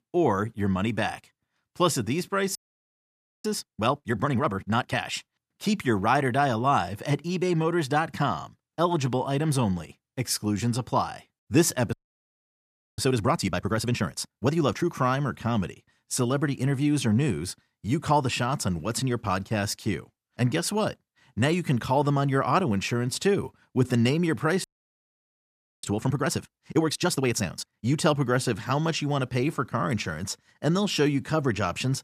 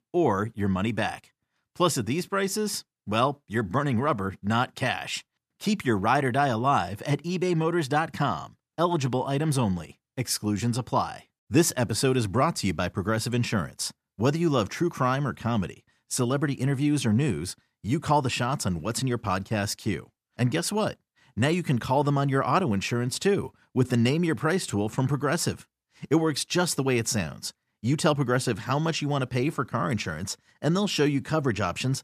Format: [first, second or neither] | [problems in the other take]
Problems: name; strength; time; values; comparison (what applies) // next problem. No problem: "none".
second | audio freezing; at 2.5 s for 1 s, at 12 s for 1 s and at 25 s for 1 s